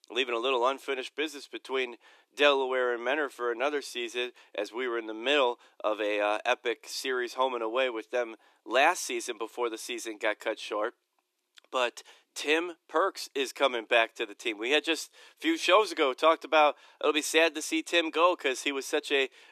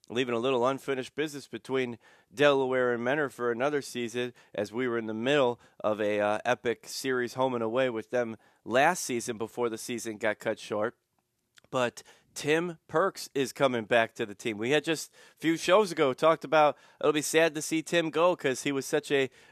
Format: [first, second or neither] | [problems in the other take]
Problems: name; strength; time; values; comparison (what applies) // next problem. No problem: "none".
second | thin; somewhat; fading below 300 Hz